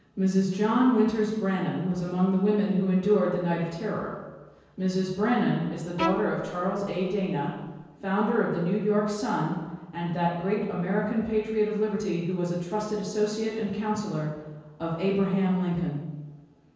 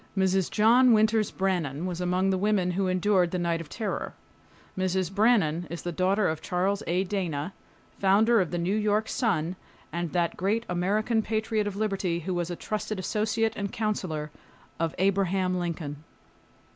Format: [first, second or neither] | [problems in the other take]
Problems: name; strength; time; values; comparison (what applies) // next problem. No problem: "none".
second | noise reduction (neural separator model SepFormer DNS4)